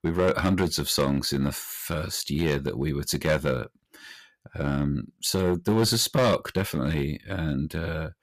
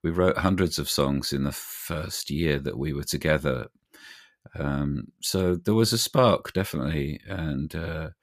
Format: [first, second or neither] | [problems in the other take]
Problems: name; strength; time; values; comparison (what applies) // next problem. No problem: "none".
second | distortion; slight; 4% of the sound clipped